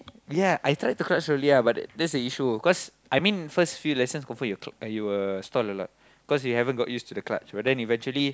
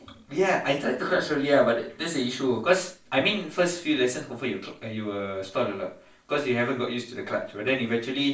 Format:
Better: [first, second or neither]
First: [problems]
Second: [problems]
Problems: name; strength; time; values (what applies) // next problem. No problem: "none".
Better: first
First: none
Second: room echo; dies away in 0.3 s